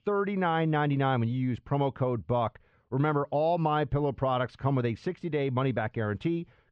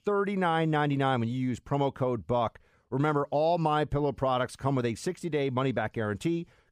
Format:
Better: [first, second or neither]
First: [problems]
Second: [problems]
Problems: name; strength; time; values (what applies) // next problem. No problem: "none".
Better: second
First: muffled; slightly; fading above 3.5 kHz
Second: none